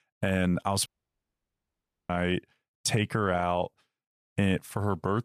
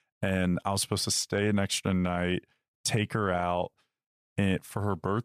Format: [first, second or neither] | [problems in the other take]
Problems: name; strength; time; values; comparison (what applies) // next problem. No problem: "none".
second | audio cutting out; at 1 s for 1 s